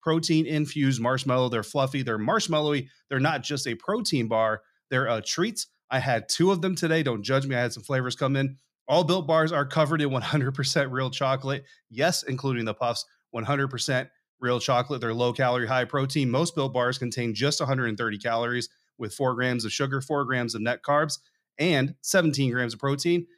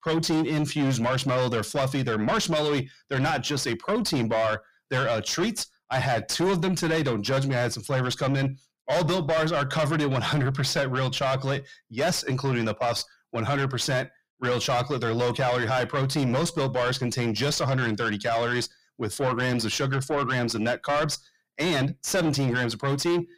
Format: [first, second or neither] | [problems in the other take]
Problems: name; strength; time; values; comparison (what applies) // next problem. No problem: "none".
first | distortion; heavy; 7 dB below the speech